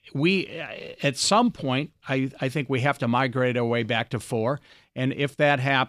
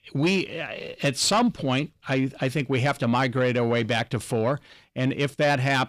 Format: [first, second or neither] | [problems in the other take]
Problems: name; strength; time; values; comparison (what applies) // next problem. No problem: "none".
first | distortion; slight; 10 dB below the speech